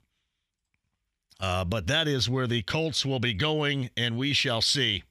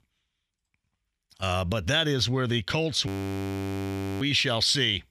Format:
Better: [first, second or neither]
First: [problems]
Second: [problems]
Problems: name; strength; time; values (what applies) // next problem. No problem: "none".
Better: first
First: none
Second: audio freezing; at 3 s for 1 s